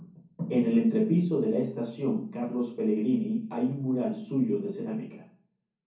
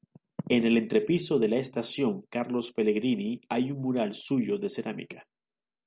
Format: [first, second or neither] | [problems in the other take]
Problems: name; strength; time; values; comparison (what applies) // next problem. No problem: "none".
second | room echo; dies away in 0.6 s